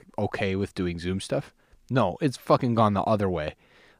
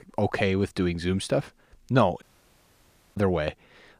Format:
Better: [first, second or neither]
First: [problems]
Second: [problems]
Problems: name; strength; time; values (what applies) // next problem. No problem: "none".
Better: first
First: none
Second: audio cutting out; at 2 s for 1 s